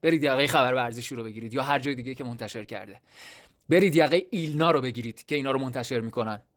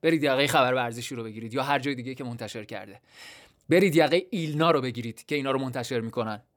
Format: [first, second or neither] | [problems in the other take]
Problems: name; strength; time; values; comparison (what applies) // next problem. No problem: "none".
second | garbled, watery; slightly; nothing above 18.5 kHz